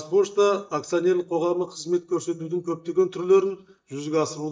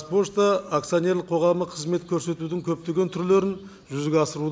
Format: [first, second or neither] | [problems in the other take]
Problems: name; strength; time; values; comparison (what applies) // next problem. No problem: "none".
second | noise reduction (neural mask model DeepFilterNet 3)